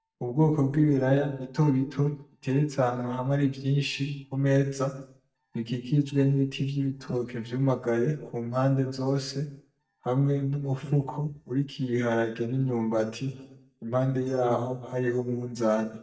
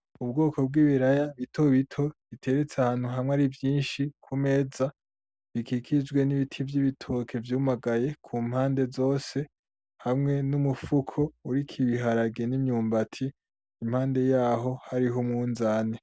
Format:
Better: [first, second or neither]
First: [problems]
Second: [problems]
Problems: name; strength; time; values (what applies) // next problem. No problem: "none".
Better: second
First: noise reduction (neural mask model DeepFilterNet 3)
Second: none